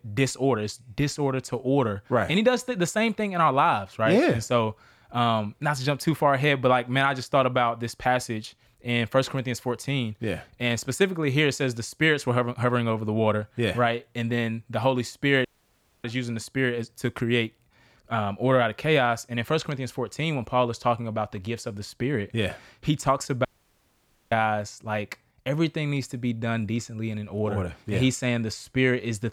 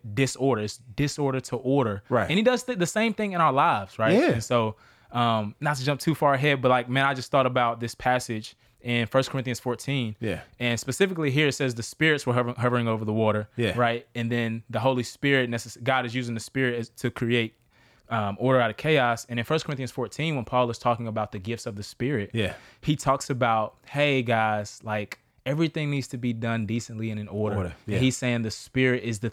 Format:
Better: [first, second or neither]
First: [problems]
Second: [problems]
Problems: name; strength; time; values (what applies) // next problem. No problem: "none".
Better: second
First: audio cutting out; at 15 s for 0.5 s and at 23 s for 1 s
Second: none